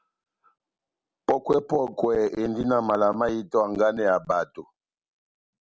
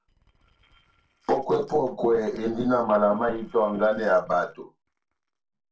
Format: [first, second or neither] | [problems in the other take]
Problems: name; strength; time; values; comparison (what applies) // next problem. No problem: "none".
first | noise reduction (neural separator model SepFormer DNS4)